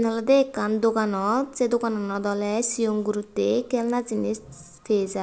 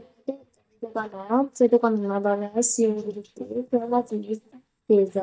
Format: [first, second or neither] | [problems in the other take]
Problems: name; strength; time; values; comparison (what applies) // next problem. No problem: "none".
first | noise reduction (neural mask model DeepFilterNet 3)